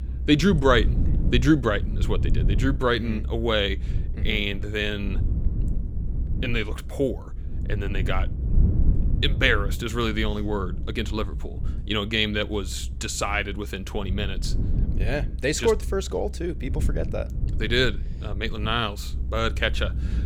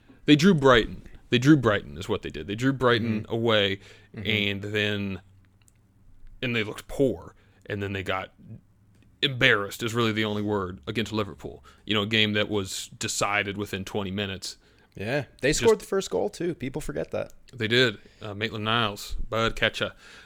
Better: second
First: low rumble; noticeable; throughout; 15 dB below the speech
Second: none

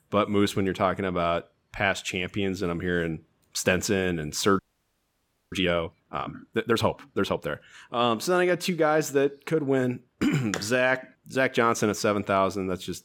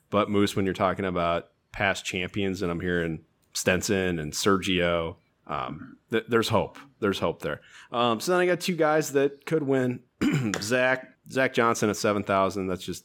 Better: second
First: audio freezing; at 4.5 s for 1 s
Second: none

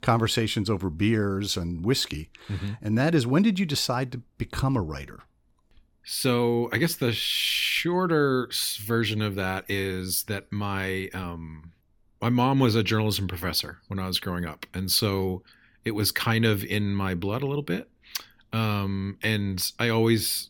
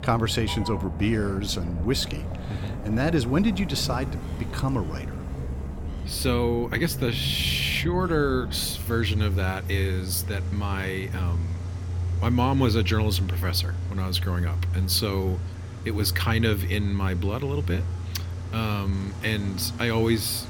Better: first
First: none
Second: traffic noise; loud; throughout; 4 dB below the speech

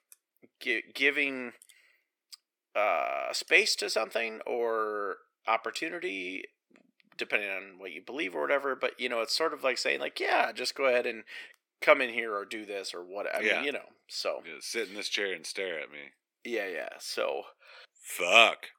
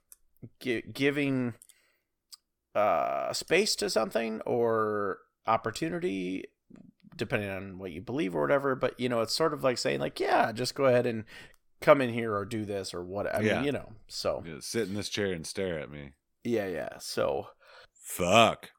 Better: second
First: thin; somewhat; fading below 350 Hz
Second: none

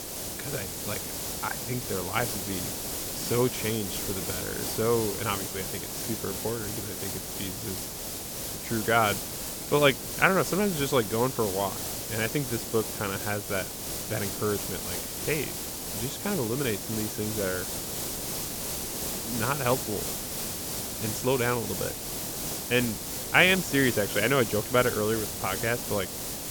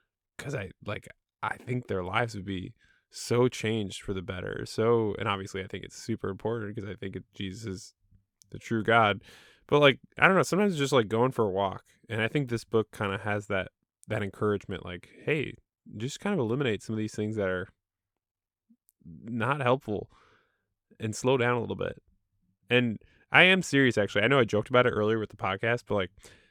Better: second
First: hiss; loud; throughout; 3 dB below the speech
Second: none

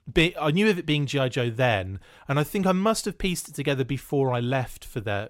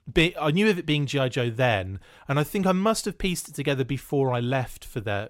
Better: neither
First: none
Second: none

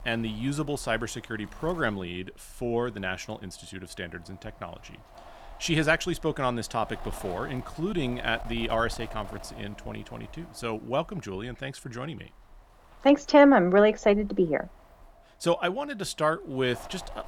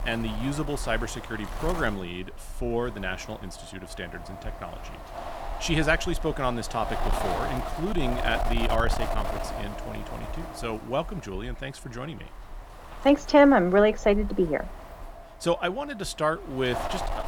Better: first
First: wind noise on the microphone; occasional gusts; 20 dB below the speech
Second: wind noise on the microphone; heavy; 9 dB below the speech

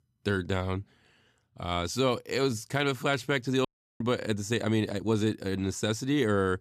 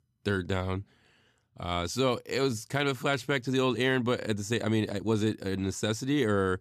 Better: second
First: audio cutting out; at 3.5 s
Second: none

